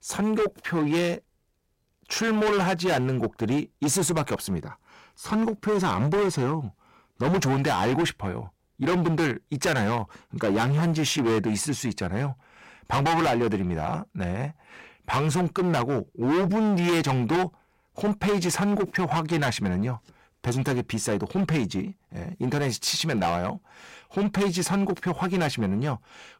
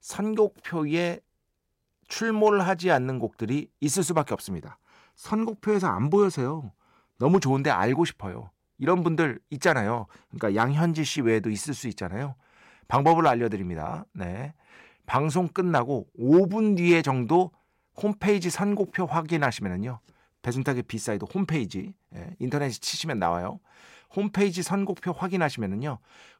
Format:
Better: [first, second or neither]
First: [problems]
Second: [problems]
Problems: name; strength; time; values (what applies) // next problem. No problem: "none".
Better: second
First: distortion; heavy; 17% of the sound clipped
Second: none